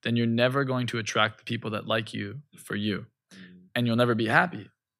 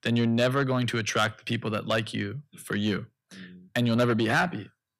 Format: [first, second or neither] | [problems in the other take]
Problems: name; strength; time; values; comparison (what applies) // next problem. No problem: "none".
first | distortion; slight; 10 dB below the speech